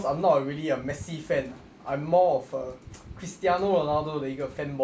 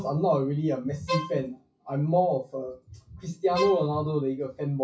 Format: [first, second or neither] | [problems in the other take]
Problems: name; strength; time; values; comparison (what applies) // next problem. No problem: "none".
first | noise reduction (classical method WPE with log-MMSE)